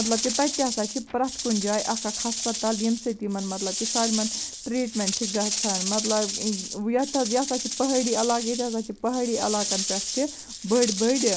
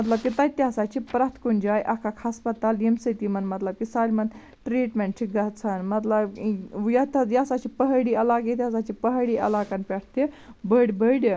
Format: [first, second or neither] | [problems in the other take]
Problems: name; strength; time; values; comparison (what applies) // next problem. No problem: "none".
second | background sound (Rattle / Rattle (instrument)); 4 dB below the speech